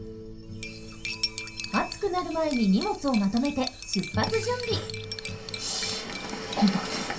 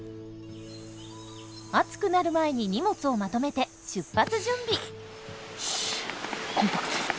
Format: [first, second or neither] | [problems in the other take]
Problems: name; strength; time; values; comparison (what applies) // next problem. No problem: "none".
second | background sound (Cutlery, silverware); 10 dB below the speech // room echo; dies away in 0.2 s